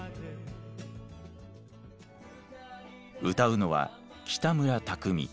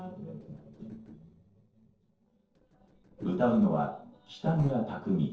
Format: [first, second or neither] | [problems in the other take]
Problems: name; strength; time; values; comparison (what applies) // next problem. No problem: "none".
first | noise reduction (neural separator model SepFormer DNS4)